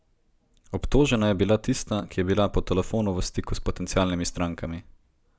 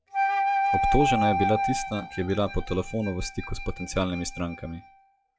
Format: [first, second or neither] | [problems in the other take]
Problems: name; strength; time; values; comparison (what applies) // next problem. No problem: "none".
first | noise reduction (classical method log-MMSE)